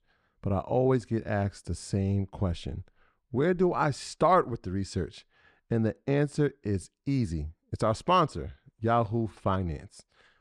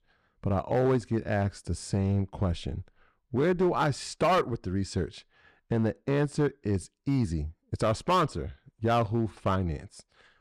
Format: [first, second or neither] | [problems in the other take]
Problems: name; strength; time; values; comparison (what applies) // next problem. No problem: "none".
first | distortion; slight; 5% of the sound clipped